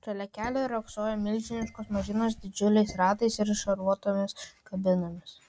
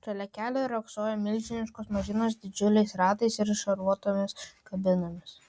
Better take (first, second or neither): second